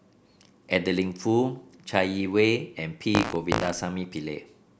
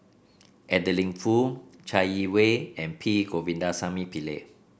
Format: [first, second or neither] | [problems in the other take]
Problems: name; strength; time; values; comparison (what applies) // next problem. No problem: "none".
second | background sound (Fart); 1 dB below the speech